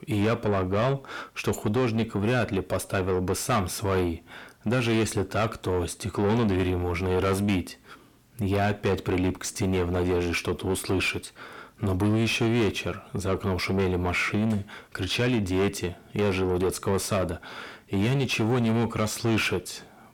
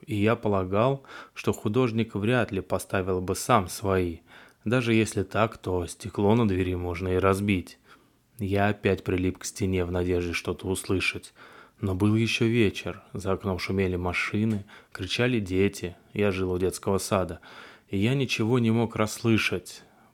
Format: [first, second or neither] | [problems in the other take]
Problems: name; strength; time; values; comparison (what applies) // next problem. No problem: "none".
second | distortion; heavy; 7 dB below the speech